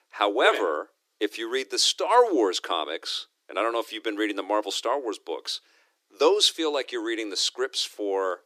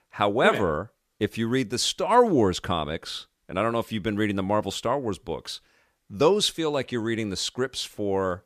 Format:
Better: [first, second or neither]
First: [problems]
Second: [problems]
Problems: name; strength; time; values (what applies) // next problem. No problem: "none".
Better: second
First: thin; somewhat; fading below 300 Hz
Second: none